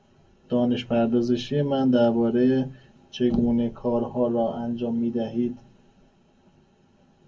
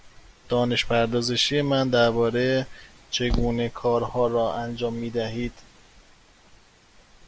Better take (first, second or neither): second